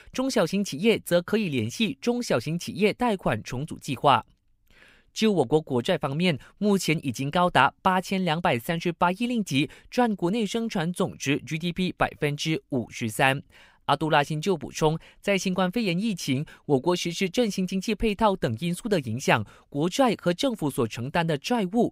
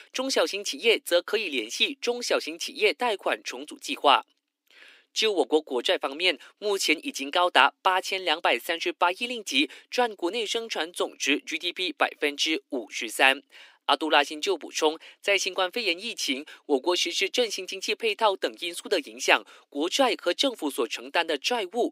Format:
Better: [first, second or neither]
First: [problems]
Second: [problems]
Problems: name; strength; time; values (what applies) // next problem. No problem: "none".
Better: first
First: none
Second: thin; somewhat; fading below 300 Hz